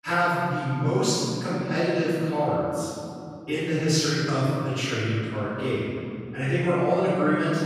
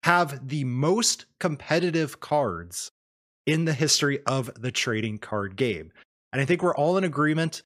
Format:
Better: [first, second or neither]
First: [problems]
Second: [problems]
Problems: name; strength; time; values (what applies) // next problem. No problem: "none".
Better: second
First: off-mic speech; far // room echo; strong; dies away in 2.6 s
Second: none